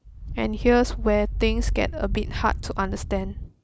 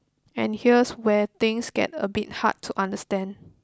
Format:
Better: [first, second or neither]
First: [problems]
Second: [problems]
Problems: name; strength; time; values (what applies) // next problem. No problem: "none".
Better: second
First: background sound (Thunder / Wind); 3 dB below the speech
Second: none